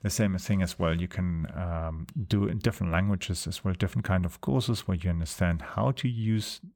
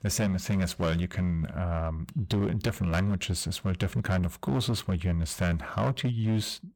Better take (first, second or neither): first